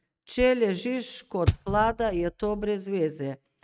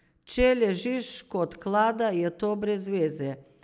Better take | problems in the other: second | noise reduction (neural mask model RNNoise)

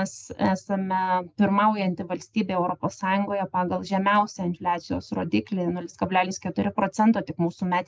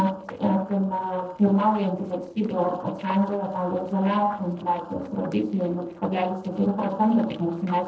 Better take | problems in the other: first | noise reduction (neural separator model SepFormer DNS4)

